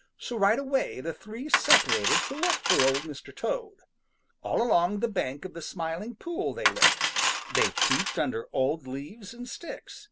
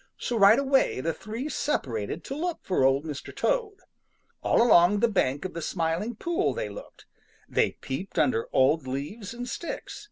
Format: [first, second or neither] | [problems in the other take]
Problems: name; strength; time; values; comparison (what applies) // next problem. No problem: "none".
second | background sound (Cutlery, silverware); 1 dB above the speech